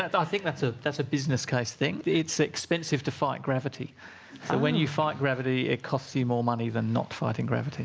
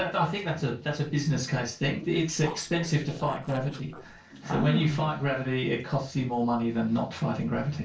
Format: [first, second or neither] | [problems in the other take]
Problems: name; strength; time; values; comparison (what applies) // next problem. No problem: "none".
first | noise reduction (neural separator model SepFormer DNS4)